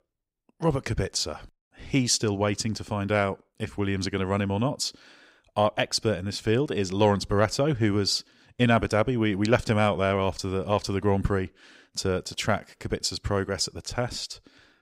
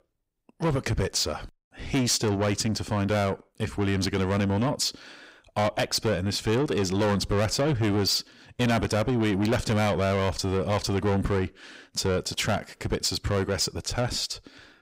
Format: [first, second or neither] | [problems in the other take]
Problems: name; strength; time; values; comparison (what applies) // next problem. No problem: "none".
first | distortion; heavy; 7 dB below the speech